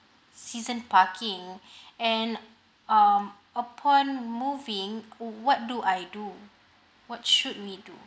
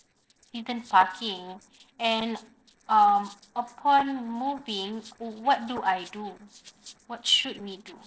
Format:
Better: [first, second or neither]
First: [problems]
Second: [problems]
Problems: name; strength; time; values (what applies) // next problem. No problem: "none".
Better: first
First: none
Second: noise reduction (neural separator model SepFormer DNS4)